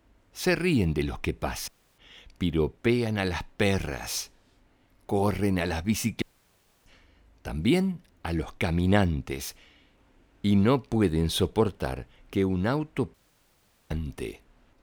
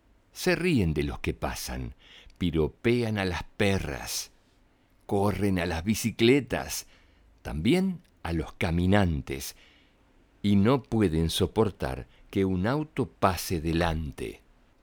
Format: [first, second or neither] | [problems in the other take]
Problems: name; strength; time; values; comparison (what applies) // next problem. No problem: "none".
second | audio cutting out; at 1.5 s, at 6 s for 0.5 s and at 13 s for 1 s